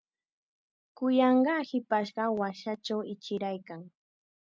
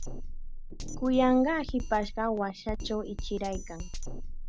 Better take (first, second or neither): first